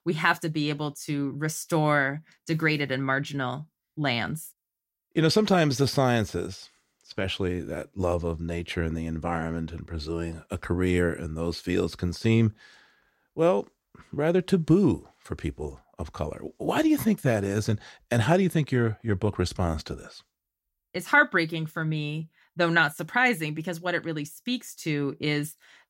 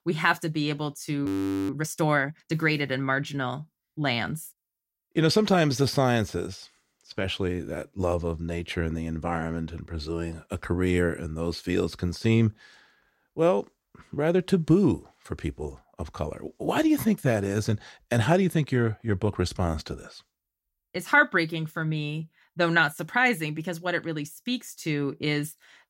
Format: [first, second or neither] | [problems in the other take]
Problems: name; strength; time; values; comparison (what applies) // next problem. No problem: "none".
first | audio freezing; at 1.5 s